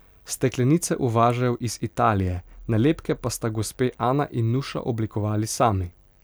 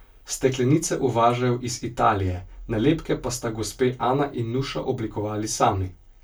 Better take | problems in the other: first | room echo; dies away in 0.2 s

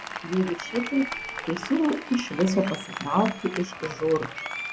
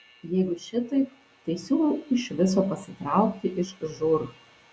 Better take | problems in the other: second | background sound (Applause); 9 dB below the speech

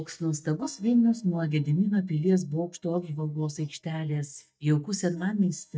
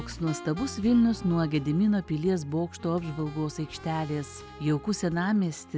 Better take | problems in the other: second | noise reduction (neural mask model DeepFilterNet 3)

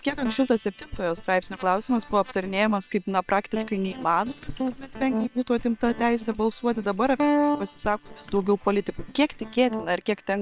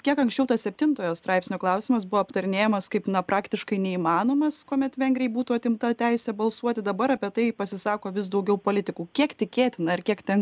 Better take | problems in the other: second | noise reduction (neural separator model SepFormer WHAM!)

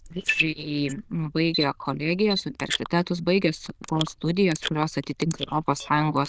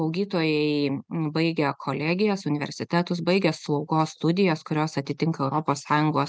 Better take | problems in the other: second | noise reduction (neural diffusion model UNIVERSE++)

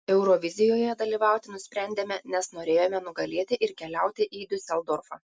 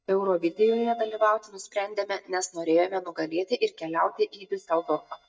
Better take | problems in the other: first | noise reduction (neural mask model DeepFilterNet 3)

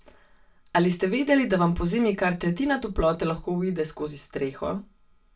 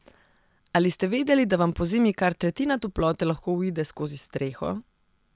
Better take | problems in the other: second | room echo; dies away in 0.2 s

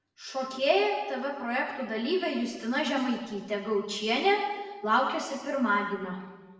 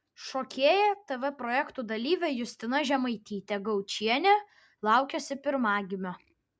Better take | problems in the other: second | room echo; dies away in 1.2 s

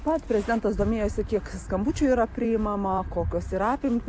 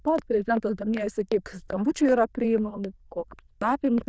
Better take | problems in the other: first | noise reduction (neural diffusion model UNIVERSE++)

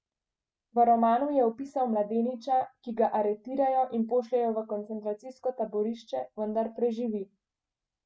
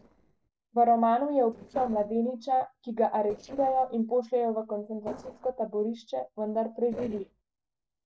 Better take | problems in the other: first | noise reduction (neural separator model SepFormer DNS4)

